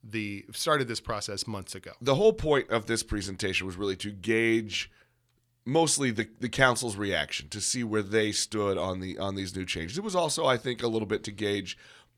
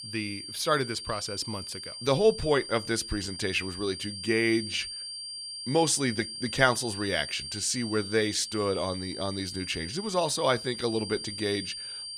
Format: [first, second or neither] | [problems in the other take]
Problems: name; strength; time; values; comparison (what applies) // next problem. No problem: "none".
first | high-pitched whine; loud; throughout; 4.5 kHz, 8 dB below the speech